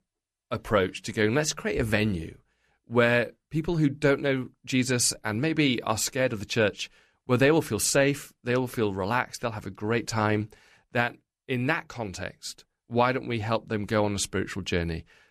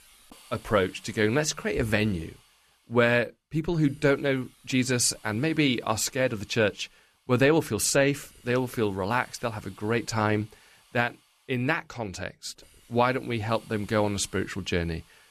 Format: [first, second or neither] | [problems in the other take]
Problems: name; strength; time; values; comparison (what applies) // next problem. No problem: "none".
first | hiss; faint; throughout; 25 dB below the speech